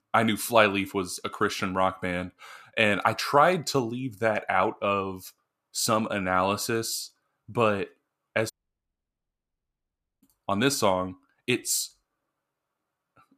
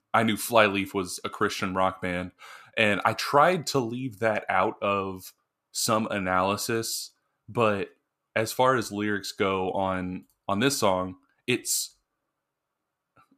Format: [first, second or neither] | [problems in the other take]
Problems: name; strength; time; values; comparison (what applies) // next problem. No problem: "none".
second | audio cutting out; at 8.5 s for 1.5 s